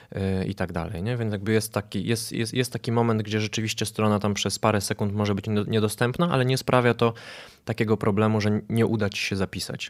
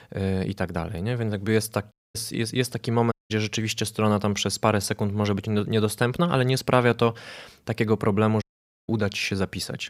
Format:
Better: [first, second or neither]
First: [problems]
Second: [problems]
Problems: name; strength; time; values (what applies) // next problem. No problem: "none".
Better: first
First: none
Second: audio cutting out; at 2 s, at 3 s and at 8.5 s